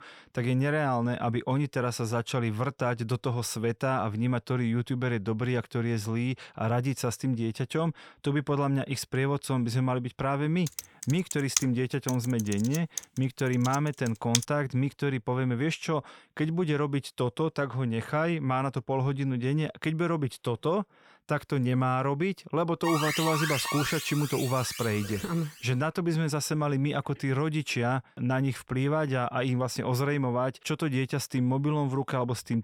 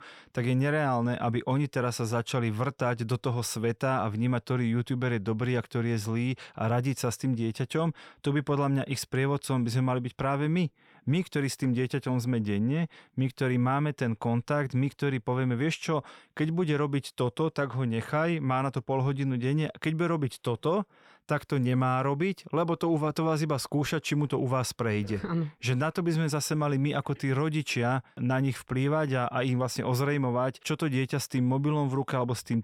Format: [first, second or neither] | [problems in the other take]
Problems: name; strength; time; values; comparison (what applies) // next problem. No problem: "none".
second | keyboard typing; loud; from 11 to 14 s; peak 1 dB above the speech // alarm; loud; from 23 to 25 s; peak level with the speech